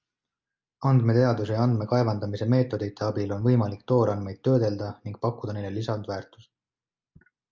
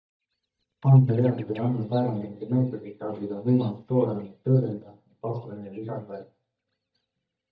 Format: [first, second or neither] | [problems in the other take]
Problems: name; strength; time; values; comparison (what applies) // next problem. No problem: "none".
first | noise reduction (neural mask model DeepFilterNet 3)